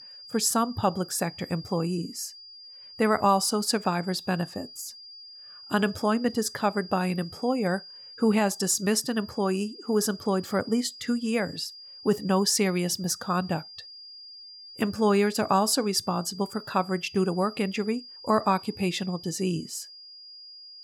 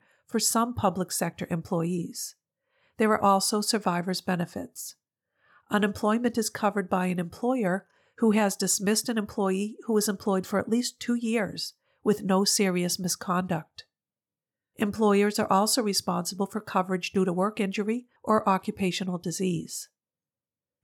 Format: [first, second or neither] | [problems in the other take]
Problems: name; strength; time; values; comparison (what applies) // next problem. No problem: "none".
second | high-pitched whine; noticeable; throughout; 5 kHz, 15 dB below the speech